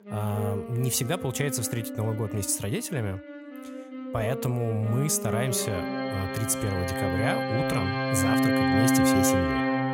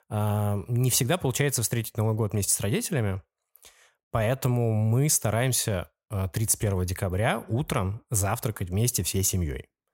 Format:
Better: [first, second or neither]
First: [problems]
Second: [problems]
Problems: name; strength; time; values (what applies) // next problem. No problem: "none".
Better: second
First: background music; very loud; throughout; 1 dB above the speech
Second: none